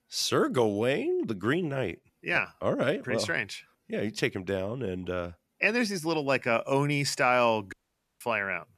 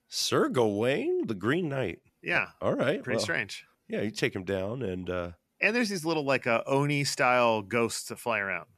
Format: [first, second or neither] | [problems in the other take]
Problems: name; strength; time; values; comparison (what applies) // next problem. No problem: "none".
second | audio cutting out; at 7.5 s